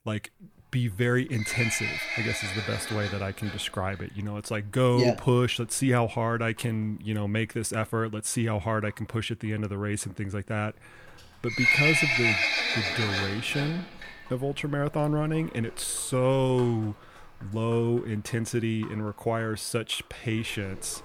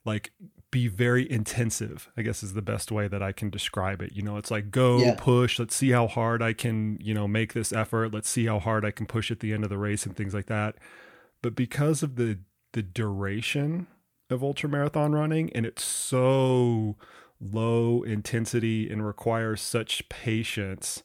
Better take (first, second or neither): second